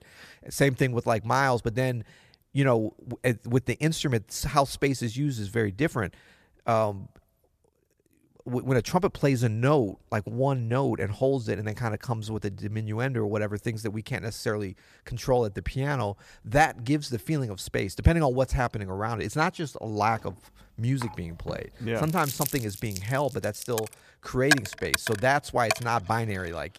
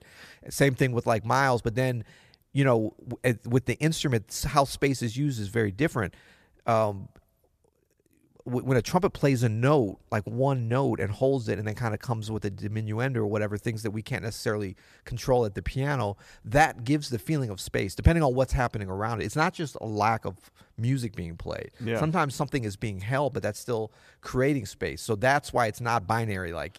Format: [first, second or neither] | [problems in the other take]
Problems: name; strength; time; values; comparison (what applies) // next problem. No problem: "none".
second | household noises; loud; from 21 s on; 4 dB below the speech